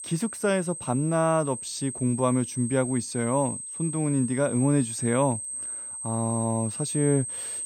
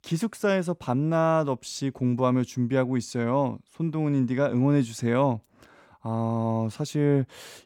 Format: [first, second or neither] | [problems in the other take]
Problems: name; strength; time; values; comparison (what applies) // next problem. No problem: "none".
second | high-pitched whine; loud; throughout; 8.5 kHz, 6 dB below the speech